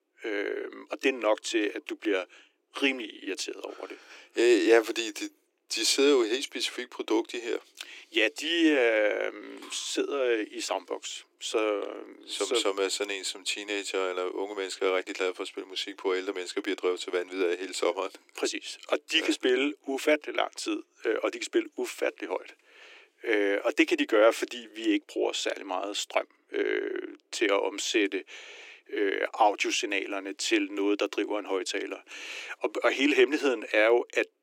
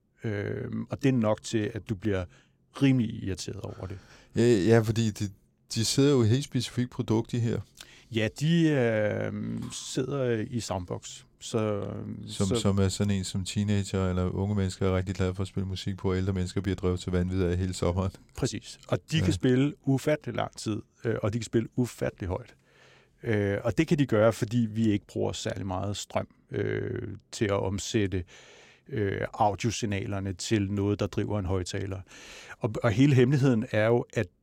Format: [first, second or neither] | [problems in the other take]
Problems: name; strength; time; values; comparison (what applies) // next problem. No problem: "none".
second | thin; very; fading below 300 Hz